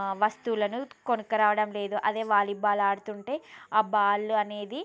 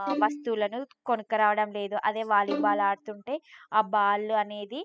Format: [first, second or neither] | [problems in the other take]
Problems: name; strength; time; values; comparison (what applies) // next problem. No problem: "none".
first | noise reduction (classical method spectral subtraction)